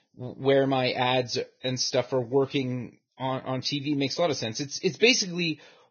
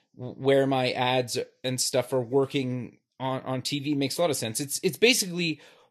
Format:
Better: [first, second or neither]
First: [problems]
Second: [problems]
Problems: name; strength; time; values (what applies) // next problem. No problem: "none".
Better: second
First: garbled, watery; badly; nothing above 6.5 kHz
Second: garbled, watery; slightly; nothing above 12.5 kHz